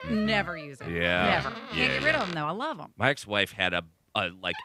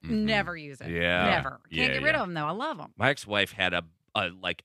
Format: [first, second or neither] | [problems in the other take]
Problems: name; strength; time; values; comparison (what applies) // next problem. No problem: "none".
second | door banging; noticeable; peak 7 dB below the speech